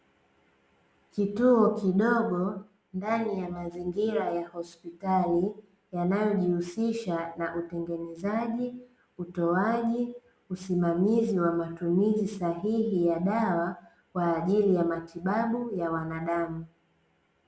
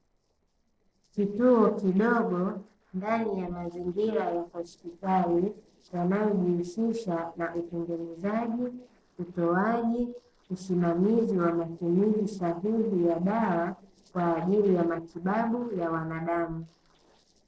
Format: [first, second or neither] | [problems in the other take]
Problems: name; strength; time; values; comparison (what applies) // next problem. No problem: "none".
first | noise reduction (neural separator model SepFormer DNS4)